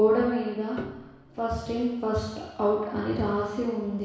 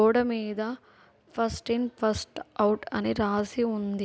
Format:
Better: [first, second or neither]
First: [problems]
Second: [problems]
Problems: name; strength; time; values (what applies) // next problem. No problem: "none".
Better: second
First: background sound (Piano); 20 dB below the speech // room echo; dies away in 1.1 s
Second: none